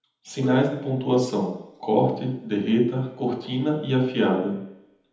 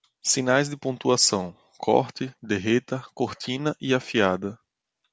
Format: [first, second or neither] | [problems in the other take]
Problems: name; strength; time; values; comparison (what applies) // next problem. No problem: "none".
second | background sound (Bowed string instrument); 14 dB below the speech // room echo; dies away in 1.1 s